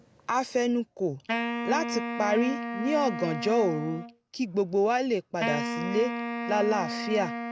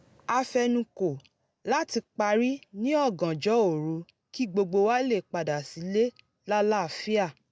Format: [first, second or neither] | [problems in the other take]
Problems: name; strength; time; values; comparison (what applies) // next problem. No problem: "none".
second | background sound (Wind instrument, woodwind instrument); 6 dB below the speech